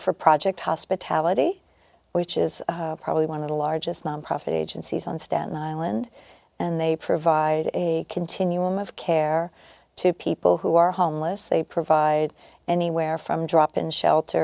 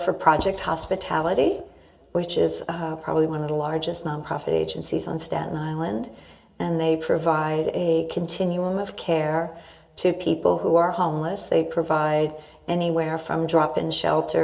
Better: first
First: none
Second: background sound (Writing); 15 dB below the speech // room echo; dies away in 0.9 s

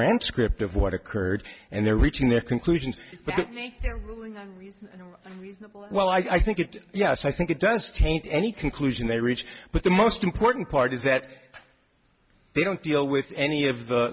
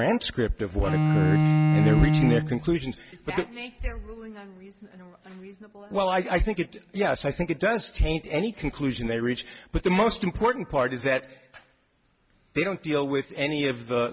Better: first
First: none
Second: background sound (Bowed string instrument); 3 dB above the speech

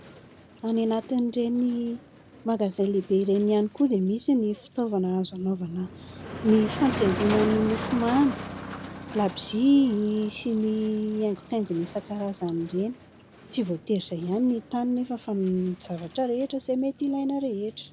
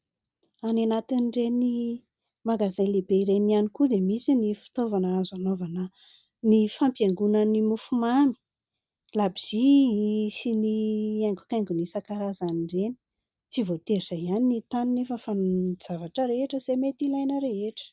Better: second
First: background sound (Motor vehicle (road)); 13 dB below the speech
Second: none

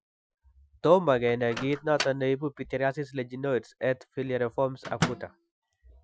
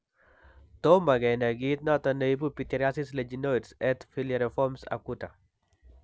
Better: second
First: noise reduction (classical method Wiener filter)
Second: none

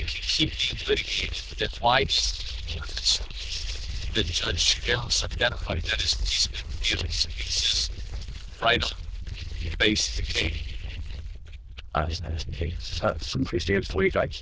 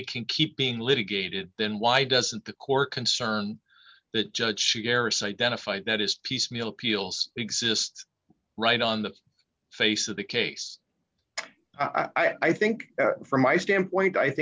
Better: second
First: noise reduction (neural diffusion model UNIVERSE++)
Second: none

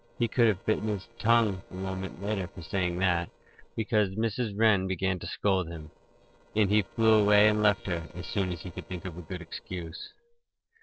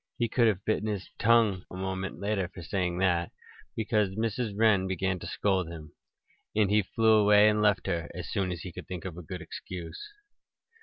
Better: second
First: noise reduction (neural separator model SepFormer DNS4)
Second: none

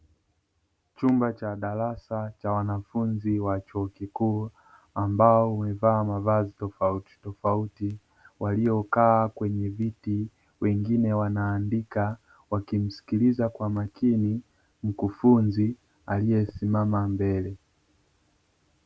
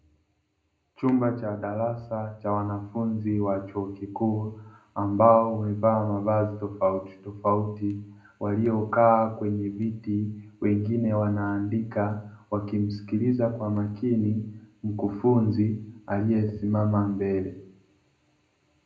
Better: first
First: none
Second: room echo; dies away in 0.4 s

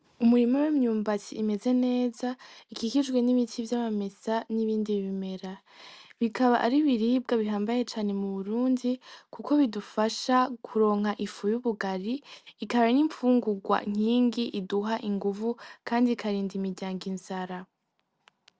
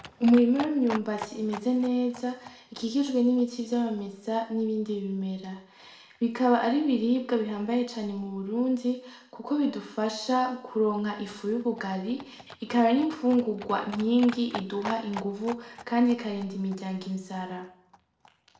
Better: first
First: none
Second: background sound (Livestock, farm animals, working animals); 18 dB below the speech // room echo; dies away in 0.6 s

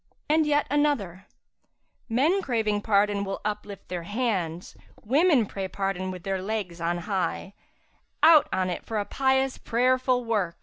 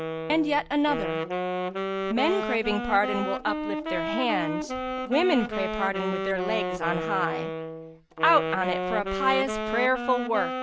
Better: first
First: none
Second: background sound (Wind instrument, woodwind instrument); 3 dB below the speech

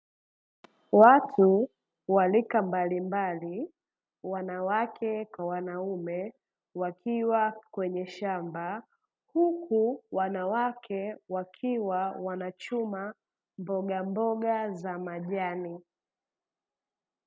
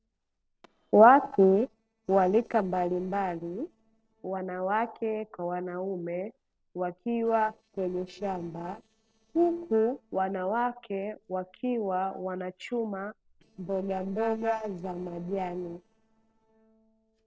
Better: first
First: none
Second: noise reduction (neural separator model SepFormer DNS4)

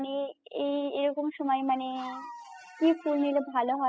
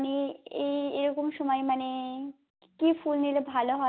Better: second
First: noise reduction (classical method spectral subtraction)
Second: none

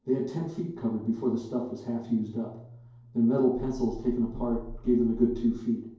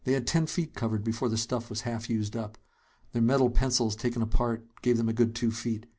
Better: second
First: room echo; dies away in 2.4 s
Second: none

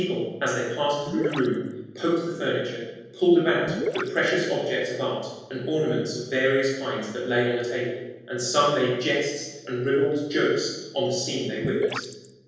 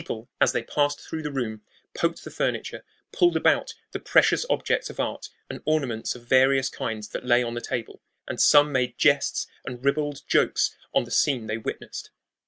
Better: second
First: noise reduction (neural separator model SepFormer DNS4)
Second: none

